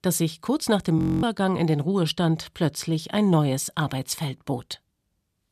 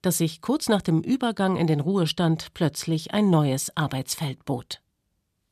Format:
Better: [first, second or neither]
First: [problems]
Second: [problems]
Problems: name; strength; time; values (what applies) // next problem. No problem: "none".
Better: second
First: audio freezing; at 1 s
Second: none